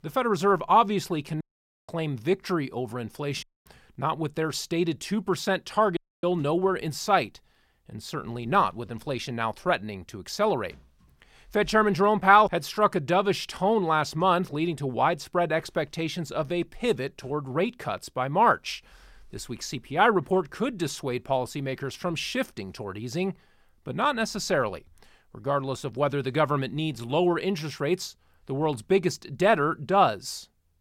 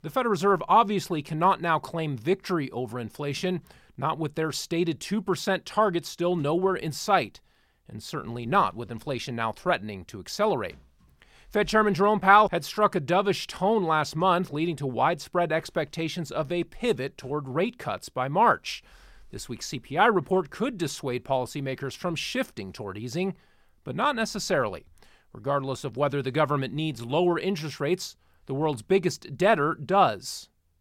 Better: second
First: audio cutting out; at 1.5 s, at 3.5 s and at 6 s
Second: none

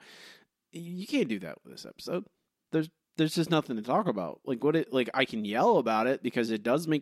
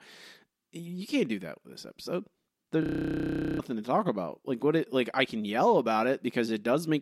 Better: first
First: none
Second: audio freezing; at 3 s for 1 s

